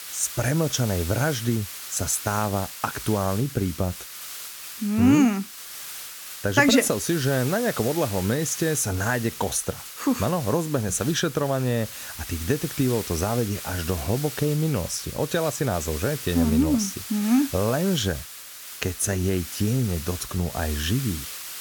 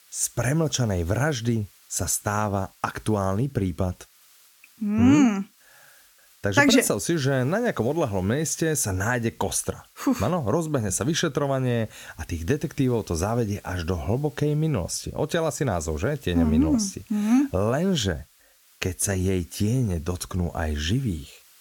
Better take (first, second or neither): second